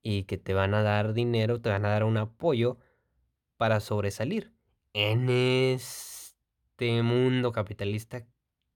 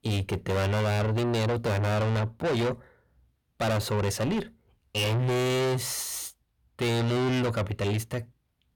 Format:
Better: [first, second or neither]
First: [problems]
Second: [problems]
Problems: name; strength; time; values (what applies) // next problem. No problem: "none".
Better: first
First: none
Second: distortion; heavy; 6 dB below the speech